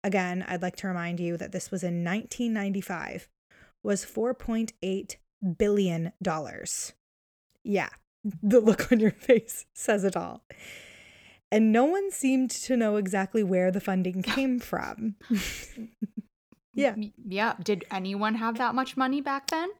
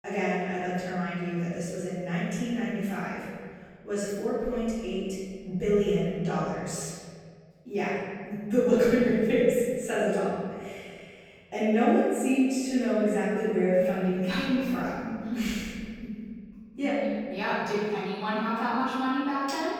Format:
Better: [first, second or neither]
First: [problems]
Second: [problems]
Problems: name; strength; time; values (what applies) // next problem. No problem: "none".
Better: first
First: none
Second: off-mic speech; far // room echo; strong; dies away in 1.8 s